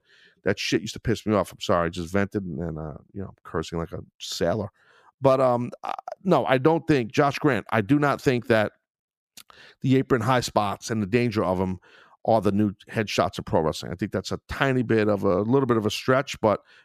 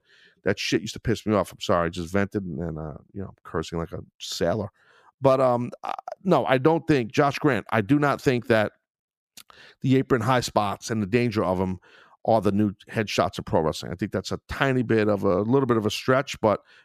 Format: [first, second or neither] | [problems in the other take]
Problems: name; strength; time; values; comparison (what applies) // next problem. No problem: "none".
neither | none